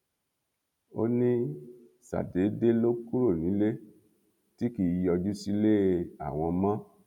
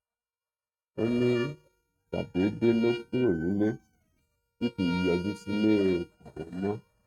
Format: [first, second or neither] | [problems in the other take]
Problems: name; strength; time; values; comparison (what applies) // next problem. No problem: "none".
first | noise reduction (neural mask model RNNoise)